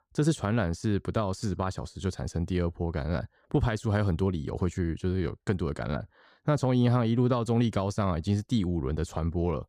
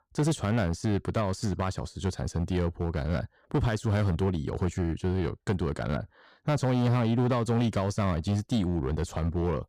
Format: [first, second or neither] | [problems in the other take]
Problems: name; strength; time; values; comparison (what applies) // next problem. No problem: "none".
first | distortion; slight; 10% of the sound clipped